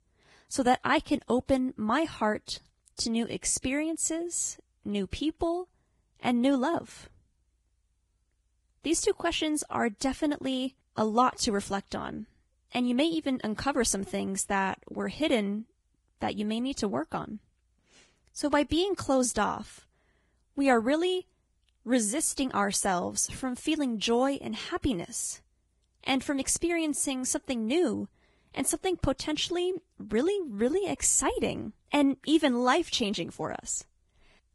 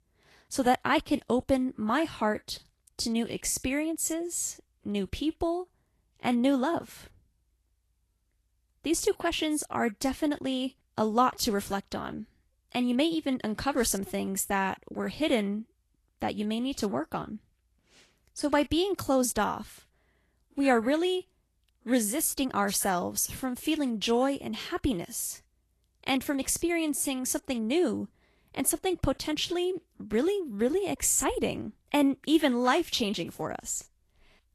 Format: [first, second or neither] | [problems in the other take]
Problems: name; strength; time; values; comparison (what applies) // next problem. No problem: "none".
second | garbled, watery; badly; nothing above 11.5 kHz; slightly in the second